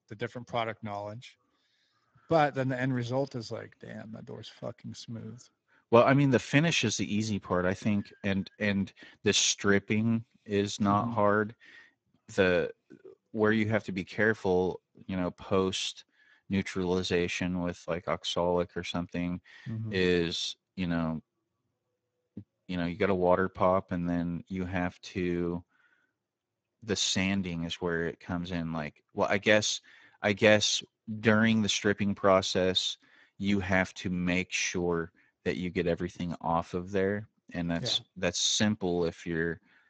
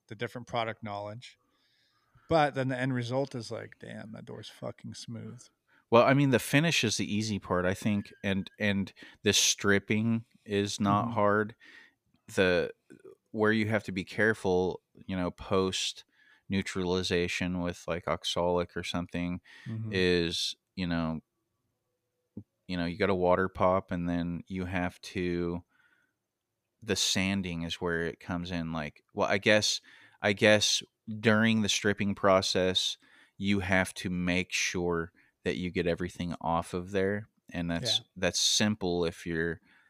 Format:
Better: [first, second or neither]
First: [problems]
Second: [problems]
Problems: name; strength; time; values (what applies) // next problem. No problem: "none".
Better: second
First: garbled, watery; badly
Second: none